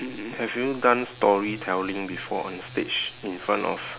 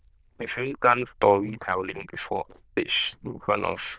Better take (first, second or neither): first